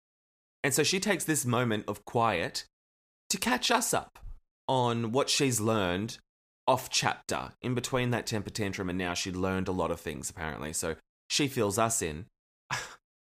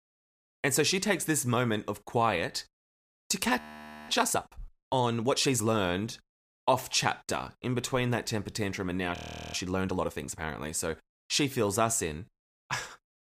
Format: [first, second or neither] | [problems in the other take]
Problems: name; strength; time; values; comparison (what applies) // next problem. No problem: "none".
first | audio freezing; at 3.5 s and at 9 s